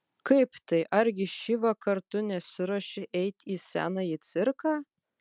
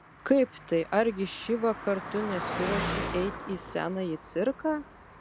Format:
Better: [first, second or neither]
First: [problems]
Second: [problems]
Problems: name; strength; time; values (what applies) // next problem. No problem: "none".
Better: first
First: none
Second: background sound (Car passing by); 8 dB below the speech